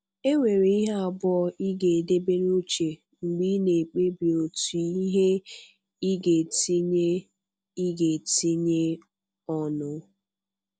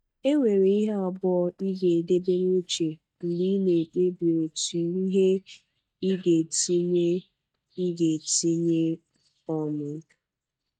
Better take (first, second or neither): first